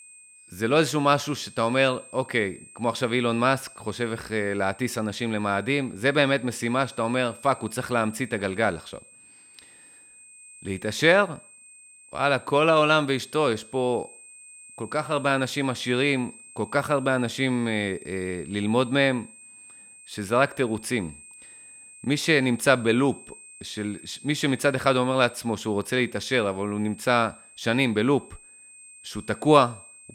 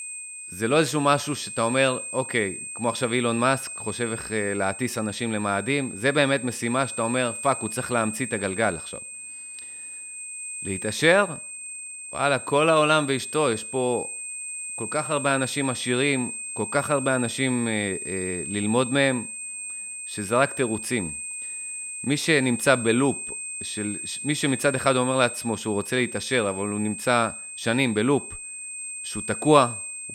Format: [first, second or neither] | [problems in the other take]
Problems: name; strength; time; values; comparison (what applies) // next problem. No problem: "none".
first | high-pitched whine; loud; throughout; 8.5 kHz, 8 dB below the speech; faint in the first